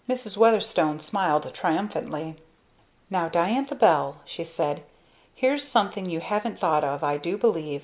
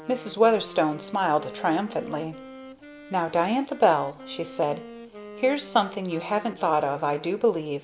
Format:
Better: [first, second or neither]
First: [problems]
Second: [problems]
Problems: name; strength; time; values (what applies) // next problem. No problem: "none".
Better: first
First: none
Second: background sound (Wind instrument, woodwind instrument); 17 dB below the speech